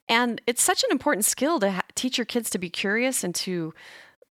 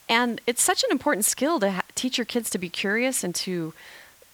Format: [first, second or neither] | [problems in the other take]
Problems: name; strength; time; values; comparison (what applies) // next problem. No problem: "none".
first | hiss; faint; throughout; 30 dB below the speech